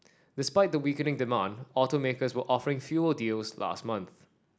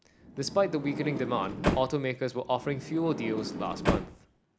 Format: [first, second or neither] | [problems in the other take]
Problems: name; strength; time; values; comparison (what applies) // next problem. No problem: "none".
first | background sound (Sliding door); 3 dB below the speech